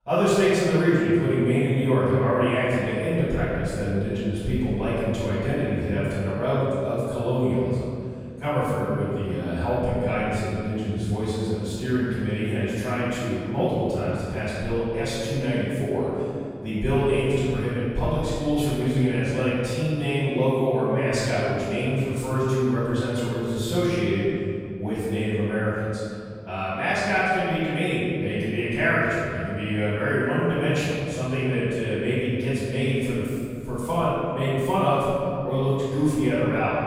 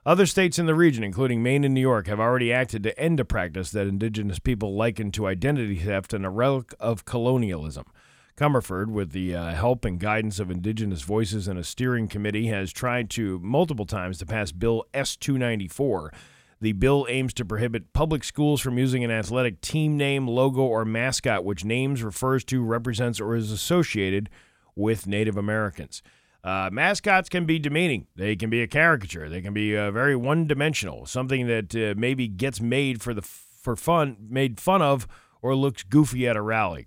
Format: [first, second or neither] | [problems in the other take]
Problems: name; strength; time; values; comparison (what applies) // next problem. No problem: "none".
second | off-mic speech; far // room echo; strong; dies away in 2.2 s